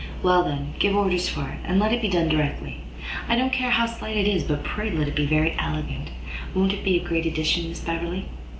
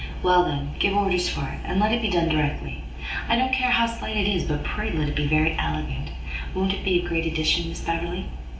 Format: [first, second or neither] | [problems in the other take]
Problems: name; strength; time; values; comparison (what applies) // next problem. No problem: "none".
first | room echo; dies away in 0.9 s